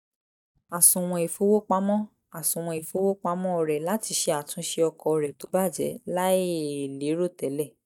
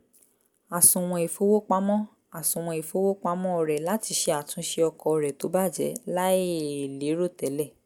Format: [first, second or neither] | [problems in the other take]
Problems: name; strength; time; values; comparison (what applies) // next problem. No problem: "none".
second | noise reduction (neural mask model DeepFilterNet 3)